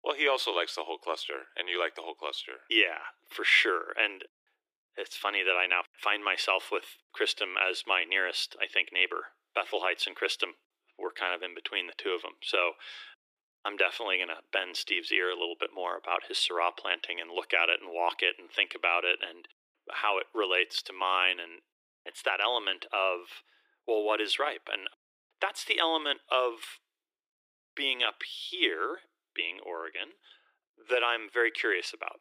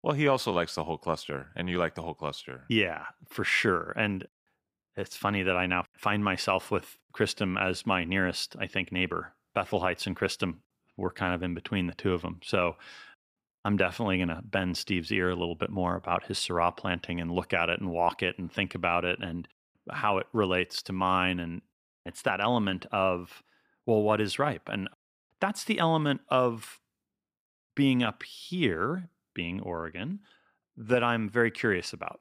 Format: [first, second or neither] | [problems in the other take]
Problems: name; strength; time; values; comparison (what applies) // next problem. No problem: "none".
second | thin; very; fading below 350 Hz